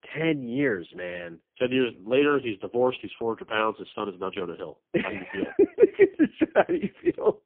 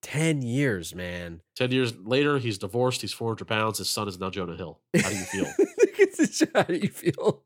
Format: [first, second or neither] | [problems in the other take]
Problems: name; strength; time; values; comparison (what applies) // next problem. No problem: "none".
second | phone-call audio; poor line; nothing above 3 kHz